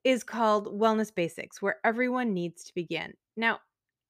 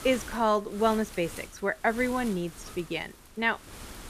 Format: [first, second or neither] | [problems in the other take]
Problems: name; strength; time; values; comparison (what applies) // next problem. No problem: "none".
first | wind noise on the microphone; occasional gusts; 15 dB below the speech